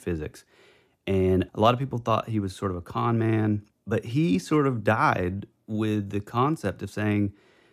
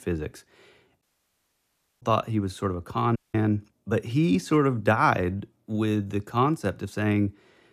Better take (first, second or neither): first